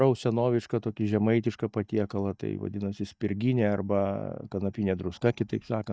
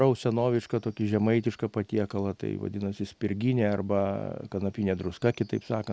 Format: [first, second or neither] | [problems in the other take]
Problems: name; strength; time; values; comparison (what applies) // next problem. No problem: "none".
second | noise reduction (neural mask model DeepFilterNet 3)